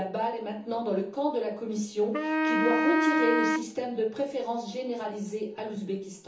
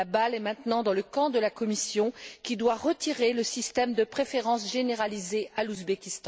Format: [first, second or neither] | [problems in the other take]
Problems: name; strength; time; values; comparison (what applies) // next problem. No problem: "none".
second | background sound (Wind instrument, woodwind instrument); 2 dB above the speech // room echo; dies away in 1.2 s